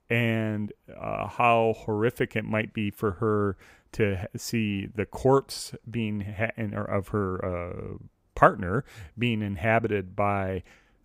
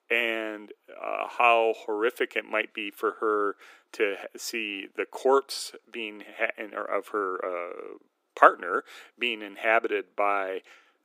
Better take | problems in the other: first | thin; very; fading below 300 Hz

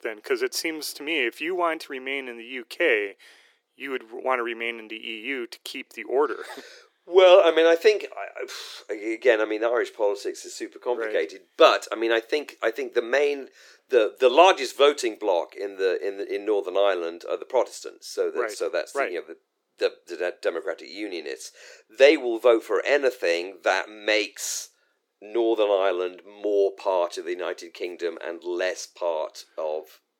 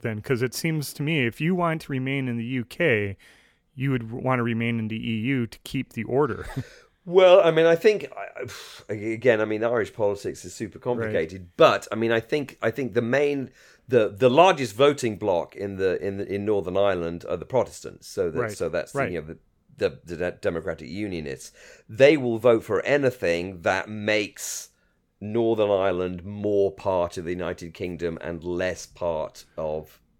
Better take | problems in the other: second | thin; very; fading below 350 Hz

